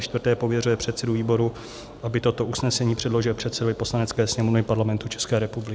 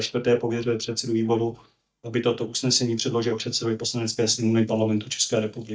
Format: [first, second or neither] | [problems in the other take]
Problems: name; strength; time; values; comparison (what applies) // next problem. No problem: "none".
first | noise reduction (neural mask model DeepFilterNet 3)